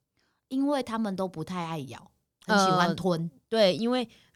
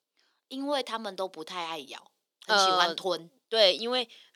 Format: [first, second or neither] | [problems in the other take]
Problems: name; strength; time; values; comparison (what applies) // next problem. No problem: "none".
first | thin; somewhat; fading below 350 Hz